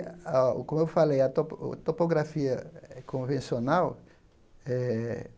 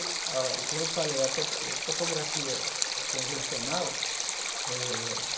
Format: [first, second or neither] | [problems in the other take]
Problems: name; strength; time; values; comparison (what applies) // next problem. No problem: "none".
first | background sound (Stream); 4 dB above the speech // room echo; dies away in 1 s